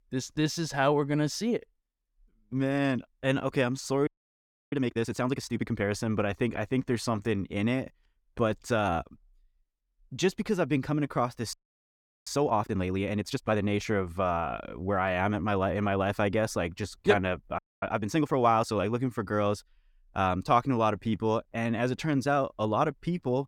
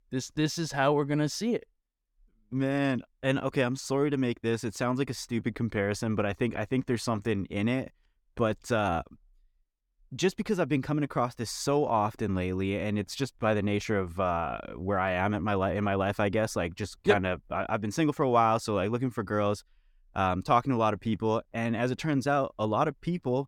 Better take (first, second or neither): second